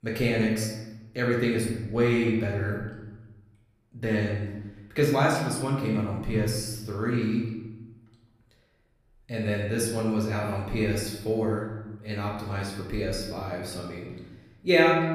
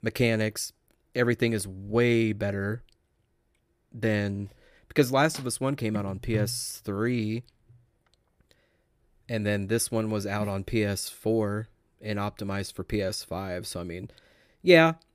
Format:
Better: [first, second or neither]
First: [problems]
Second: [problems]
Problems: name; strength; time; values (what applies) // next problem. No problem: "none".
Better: second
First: room echo; noticeable; dies away in 1 s // off-mic speech; far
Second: none